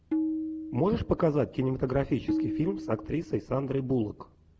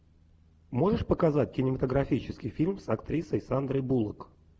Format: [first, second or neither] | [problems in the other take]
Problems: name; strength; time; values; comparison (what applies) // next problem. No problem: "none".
second | background sound (Tabla); 6 dB below the speech